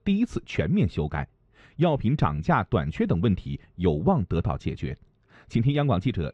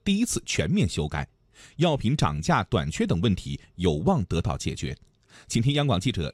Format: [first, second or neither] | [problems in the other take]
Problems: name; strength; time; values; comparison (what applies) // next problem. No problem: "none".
second | muffled; very; fading above 2 kHz